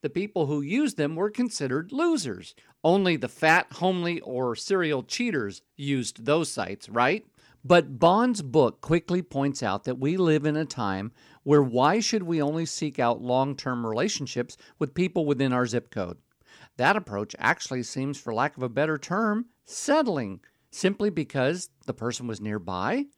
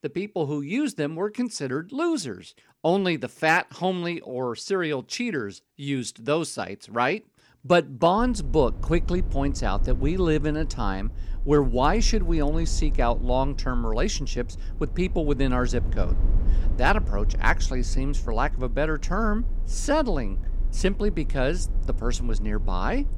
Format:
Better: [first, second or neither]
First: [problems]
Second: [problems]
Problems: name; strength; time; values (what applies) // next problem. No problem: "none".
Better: first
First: none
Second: low rumble; faint; from 8 s on; 20 dB below the speech